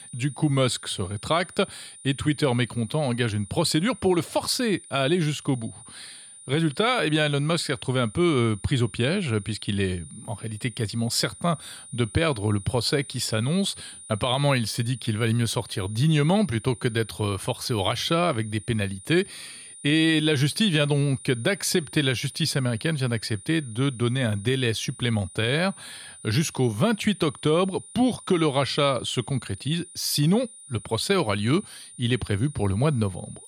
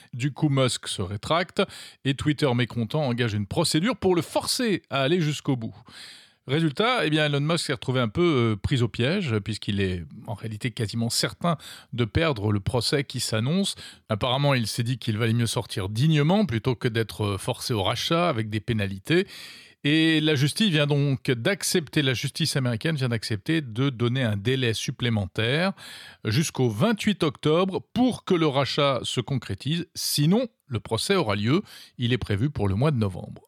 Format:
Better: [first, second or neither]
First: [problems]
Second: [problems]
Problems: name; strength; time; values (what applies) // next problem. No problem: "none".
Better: second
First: high-pitched whine; noticeable; throughout; 9.5 kHz, 20 dB below the speech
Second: none